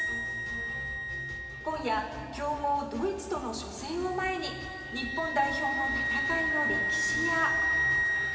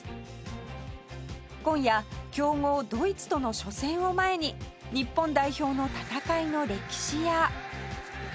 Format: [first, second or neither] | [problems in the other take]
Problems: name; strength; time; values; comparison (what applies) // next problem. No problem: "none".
second | background sound (Wind instrument, woodwind instrument); 1 dB above the speech // room echo; dies away in 2.7 s